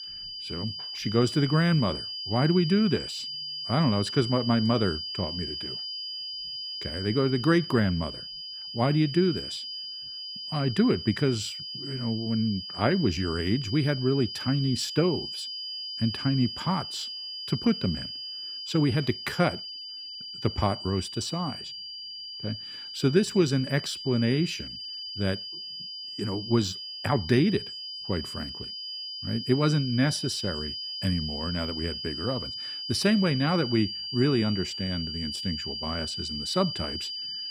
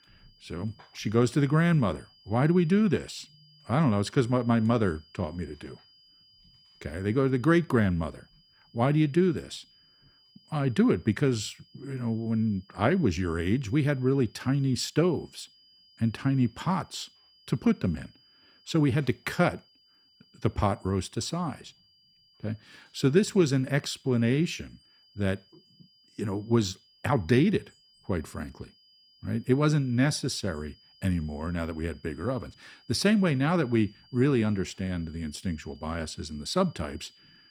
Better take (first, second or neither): second